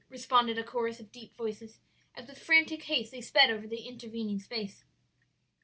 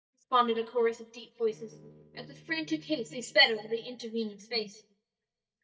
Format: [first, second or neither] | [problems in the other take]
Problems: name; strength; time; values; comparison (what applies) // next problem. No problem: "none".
first | noise reduction (neural mask model DeepFilterNet 3)